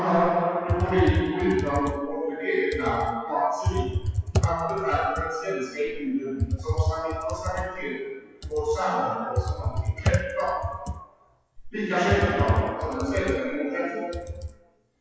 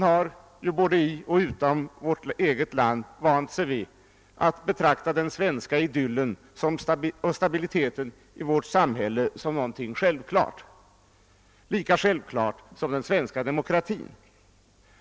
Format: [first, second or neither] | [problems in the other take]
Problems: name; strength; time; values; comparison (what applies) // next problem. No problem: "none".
second | noise reduction (classical method WPE with log-MMSE)